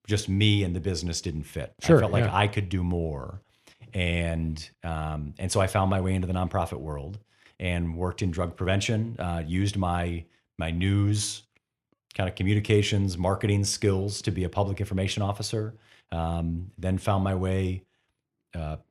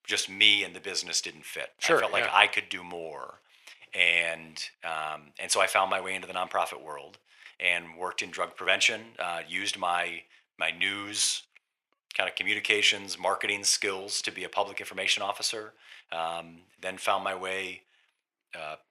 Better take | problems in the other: first | thin; very; fading below 750 Hz

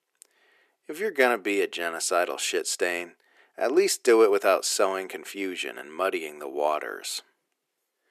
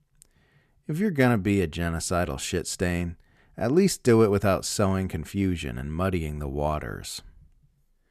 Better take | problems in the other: second | thin; very; fading below 350 Hz

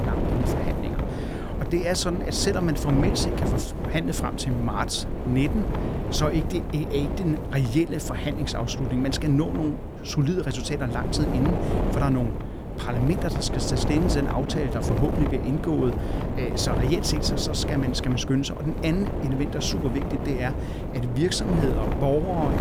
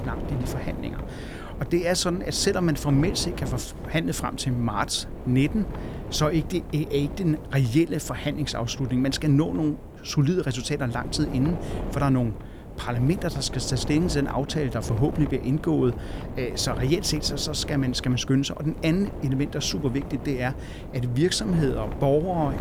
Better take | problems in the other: second | wind noise on the microphone; heavy; 4 dB below the speech; occasional gusts in the second

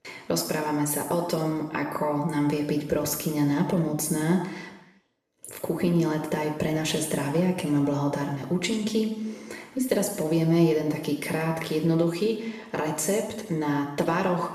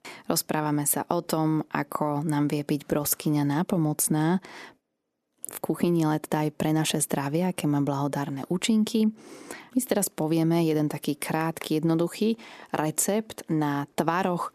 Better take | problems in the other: second | room echo; noticeable; dies away in 0.9 s // off-mic speech; somewhat distant

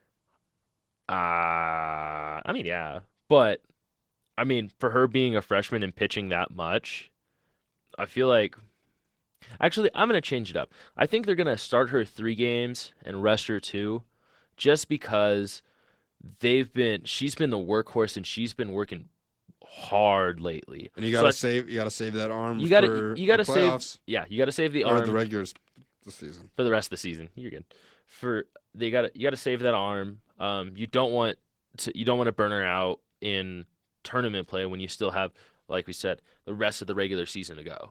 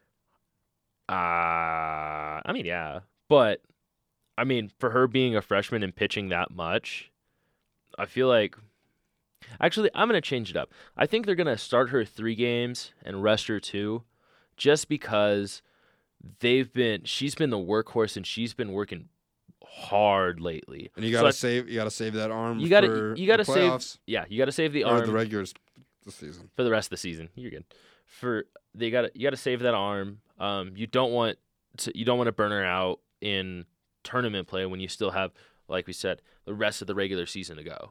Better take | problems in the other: second | garbled, watery; slightly

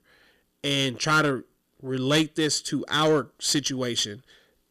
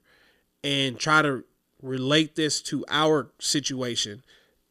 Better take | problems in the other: second | distortion; slight; 3% of the sound clipped

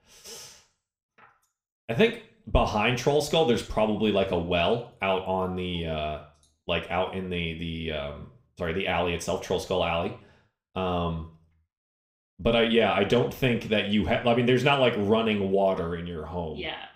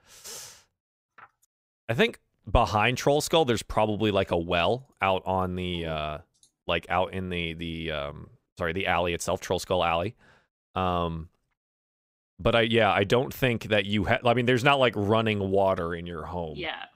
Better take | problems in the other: second | room echo; very slight; dies away in 0.4 s

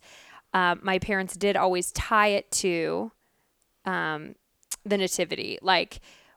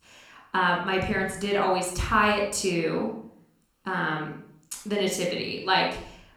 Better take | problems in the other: first | off-mic speech; somewhat distant // room echo; noticeable; dies away in 0.5 s

